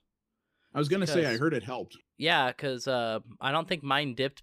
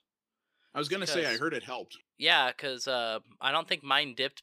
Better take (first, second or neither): first